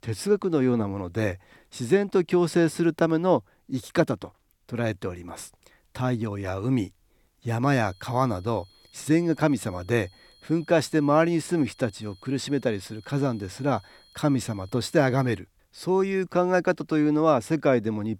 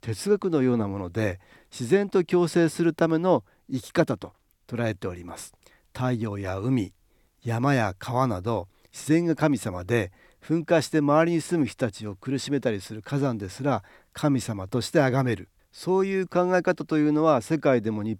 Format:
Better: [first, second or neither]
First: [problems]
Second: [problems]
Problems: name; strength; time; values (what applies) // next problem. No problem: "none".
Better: second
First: high-pitched whine; faint; from 7.5 to 15 s; 4 kHz, 30 dB below the speech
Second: none